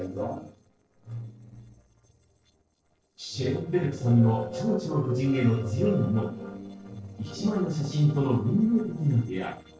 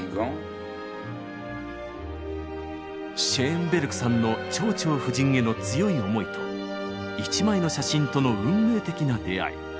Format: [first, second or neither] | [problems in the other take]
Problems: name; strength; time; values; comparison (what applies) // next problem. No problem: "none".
second | noise reduction (neural separator model SepFormer DNS4)